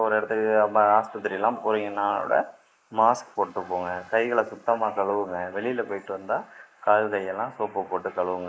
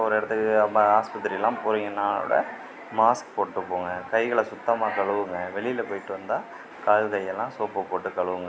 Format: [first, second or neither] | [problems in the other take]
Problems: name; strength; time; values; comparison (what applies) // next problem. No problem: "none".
second | noise reduction (neural mask model Resemble Enhance denoiser)